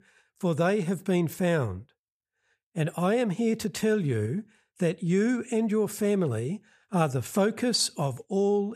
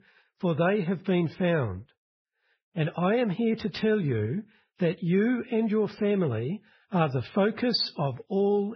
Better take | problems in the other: first | garbled, watery; badly; nothing above 4.5 kHz

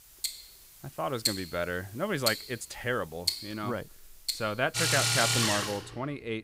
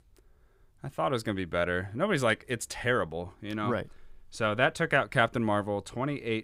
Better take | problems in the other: second | household noises; very loud; throughout; 3 dB above the speech

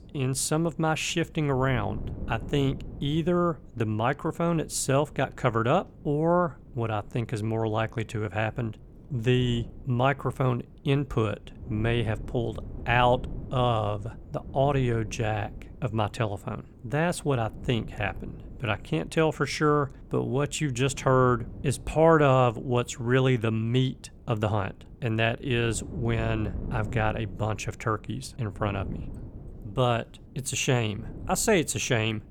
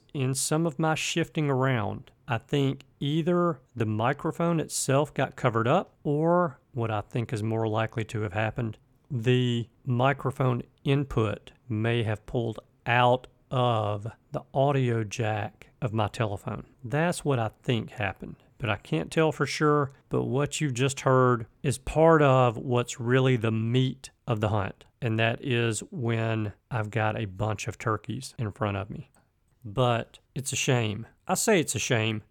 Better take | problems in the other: second | wind noise on the microphone; occasional gusts; 25 dB below the speech

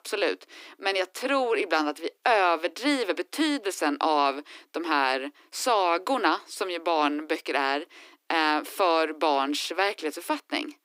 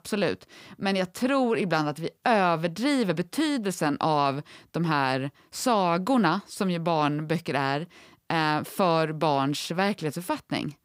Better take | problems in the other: second | thin; very slightly; fading below 300 Hz

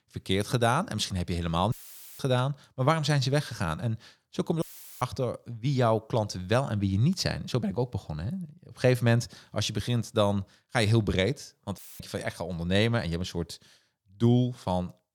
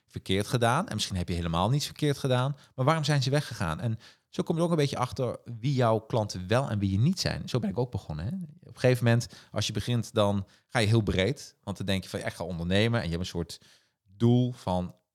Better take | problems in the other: second | audio cutting out; filled with static; at 1.5 s, at 4.5 s and at 12 s

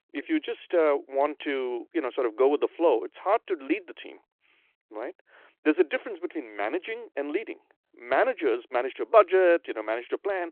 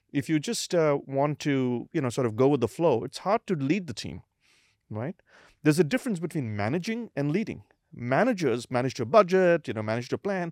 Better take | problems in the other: second | phone-call audio

